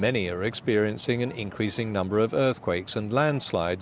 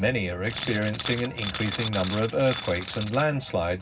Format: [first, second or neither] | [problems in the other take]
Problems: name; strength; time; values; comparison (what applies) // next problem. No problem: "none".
first | background sound (Tools); 9 dB below the speech // room echo; dies away in 0.4 s